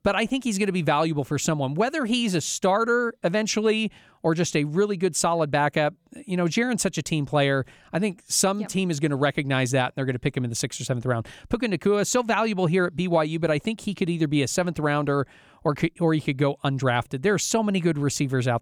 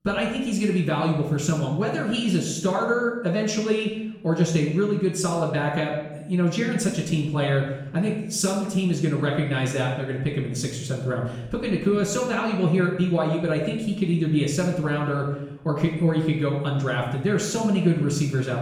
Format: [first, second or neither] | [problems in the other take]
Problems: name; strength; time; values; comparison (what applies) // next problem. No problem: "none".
first | off-mic speech; far // room echo; noticeable; dies away in 0.9 s